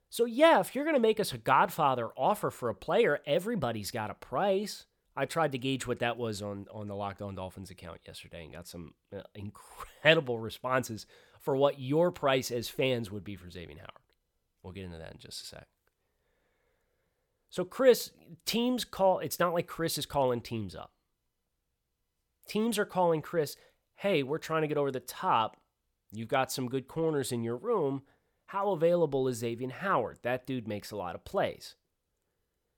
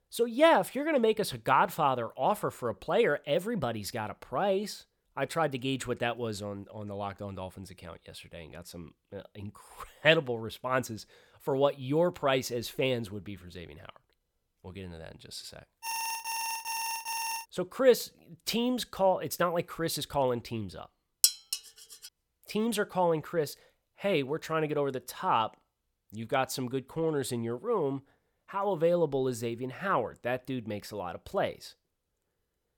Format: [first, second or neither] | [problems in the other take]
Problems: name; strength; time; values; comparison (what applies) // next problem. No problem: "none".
first | alarm; noticeable; from 16 to 17 s; peak 3 dB below the speech // clattering dishes; loud; at 21 s; peak 5 dB above the speech